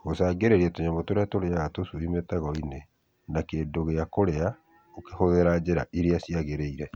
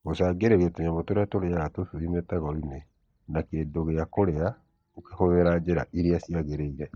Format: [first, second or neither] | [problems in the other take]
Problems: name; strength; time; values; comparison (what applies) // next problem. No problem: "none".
first | noise reduction (neural mask model DeepFilterNet 3)